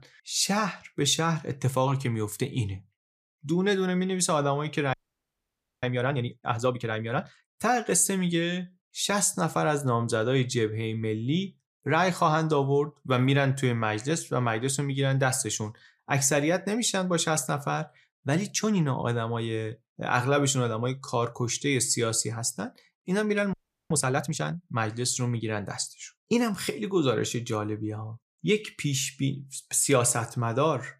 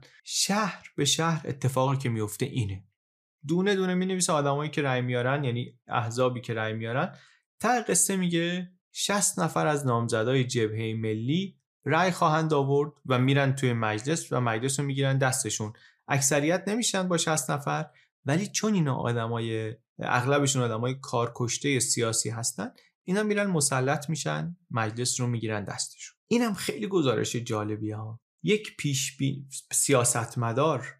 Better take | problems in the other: second | audio freezing; at 5 s for 1 s and at 24 s

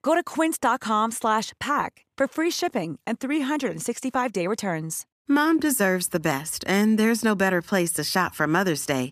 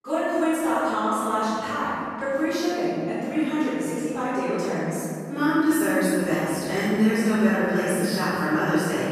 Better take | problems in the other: first | room echo; strong; dies away in 2.7 s // off-mic speech; far

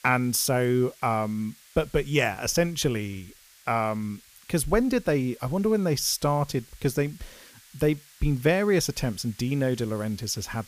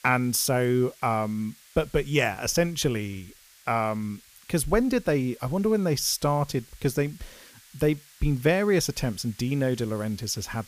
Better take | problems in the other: neither | hiss; faint; throughout; 25 dB below the speech; the same in both

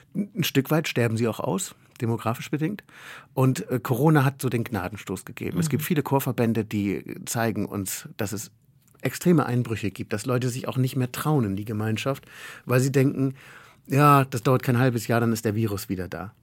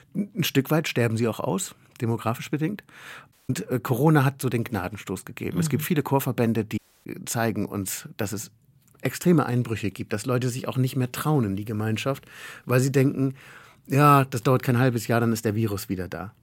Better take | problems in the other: first | audio cutting out; at 3.5 s and at 7 s

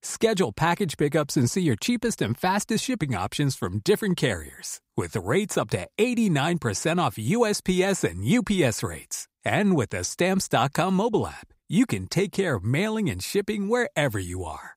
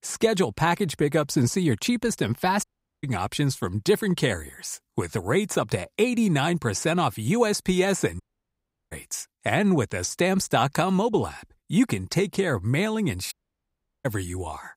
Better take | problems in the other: first | audio cutting out; at 2.5 s, at 8 s for 0.5 s and at 13 s for 0.5 s

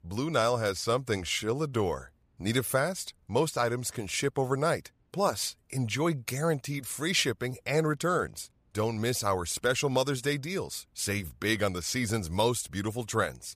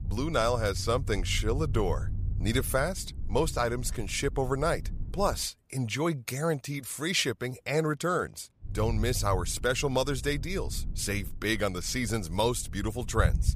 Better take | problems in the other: first | low rumble; faint; until 5.5 s and from 8.5 s on; 20 dB below the speech

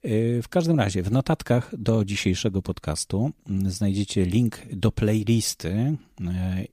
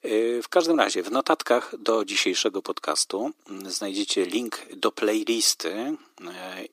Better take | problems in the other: first | thin; very; fading below 300 Hz

